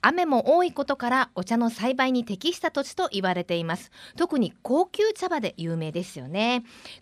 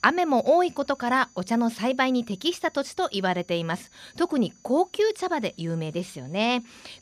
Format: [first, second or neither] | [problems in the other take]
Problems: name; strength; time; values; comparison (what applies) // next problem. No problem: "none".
first | high-pitched whine; faint; throughout; 6 kHz, 30 dB below the speech